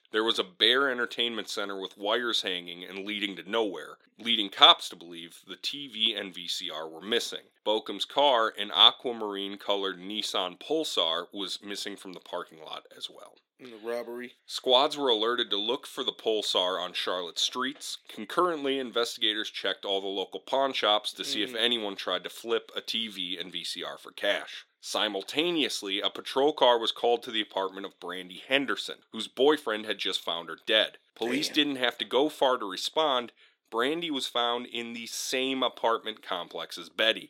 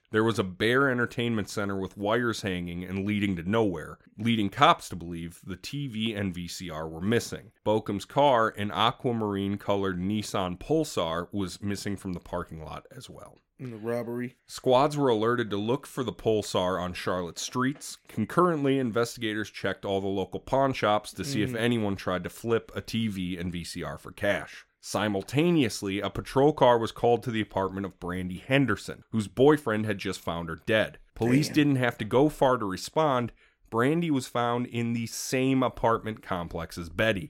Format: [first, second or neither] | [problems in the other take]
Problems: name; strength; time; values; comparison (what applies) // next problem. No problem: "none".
second | thin; somewhat; fading below 300 Hz